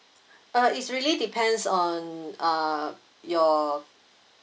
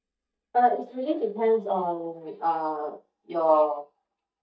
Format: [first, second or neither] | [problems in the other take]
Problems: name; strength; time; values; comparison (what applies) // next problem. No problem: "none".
first | noise reduction (neural mask model DeepFilterNet 3)